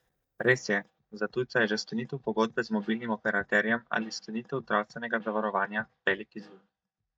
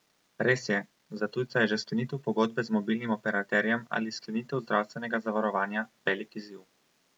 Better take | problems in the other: second | noise reduction (neural mask model DeepFilterNet 3)

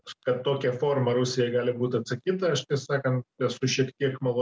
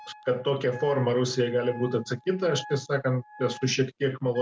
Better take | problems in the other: first | background sound (Wind instrument, woodwind instrument); 20 dB below the speech

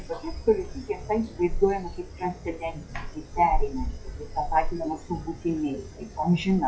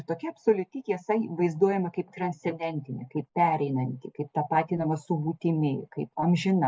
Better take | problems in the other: second | noise reduction (classical method log-MMSE)

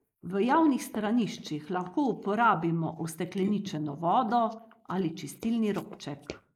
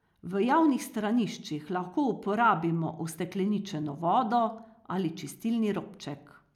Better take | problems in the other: second | noise reduction (neural mask model Resemble Enhance denoiser)

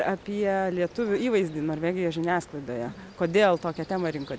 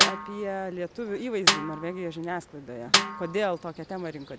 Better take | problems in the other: first | background sound (Snare drum); 3 dB above the speech

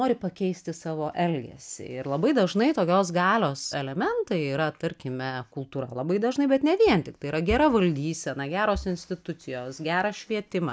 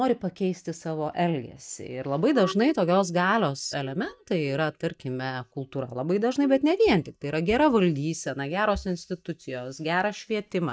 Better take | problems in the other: first | noise reduction (neural mask model DeepFilterNet 3)

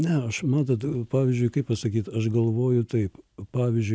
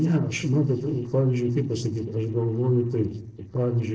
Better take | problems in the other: first | noise reduction (neural separator model SepFormer DNS4)

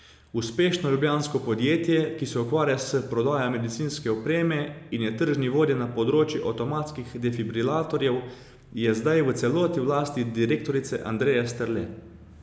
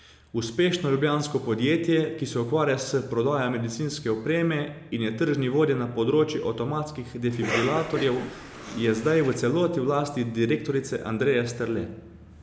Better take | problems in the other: first | background sound (Cough); 8 dB below the speech

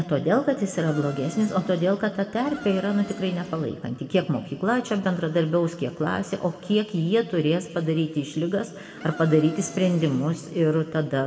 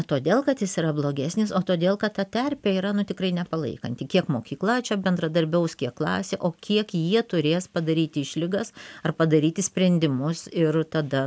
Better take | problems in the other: second | background sound (Insect); 15 dB below the speech // room echo; dies away in 2.1 s

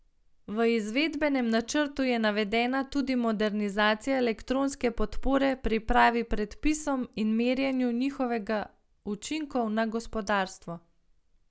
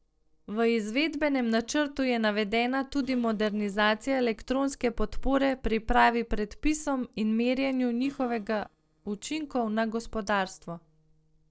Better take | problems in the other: first | noise reduction (neural separator model SepFormer DNS4)

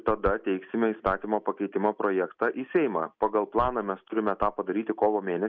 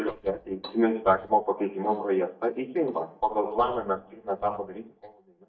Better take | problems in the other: first | noise reduction (neural mask model DeepFilterNet 3)

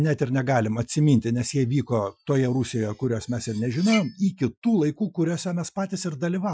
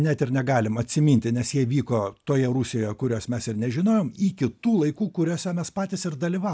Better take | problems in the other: second | noise reduction (classical method Wiener filter)

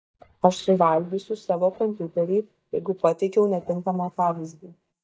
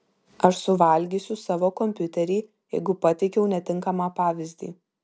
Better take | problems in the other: second | noise reduction (neural mask model DeepFilterNet 3)

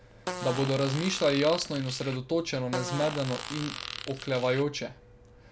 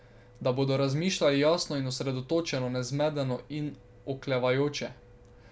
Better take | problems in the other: second | background sound (Fart); 9 dB below the speech

